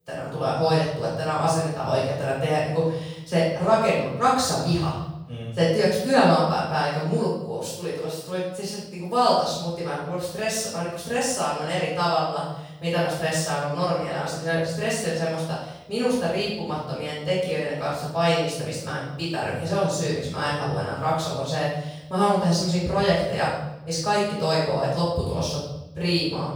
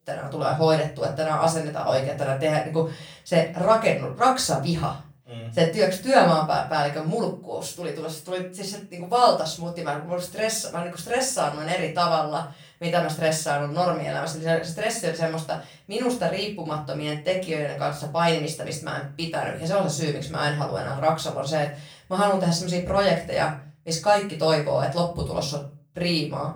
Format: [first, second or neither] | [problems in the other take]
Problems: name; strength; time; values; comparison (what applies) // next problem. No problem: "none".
second | room echo; strong; dies away in 0.8 s; slight in the second // off-mic speech; far; far in the second